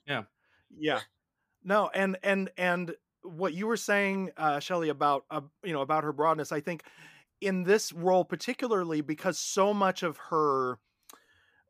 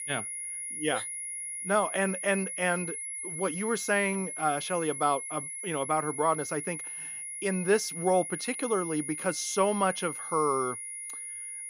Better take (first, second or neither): first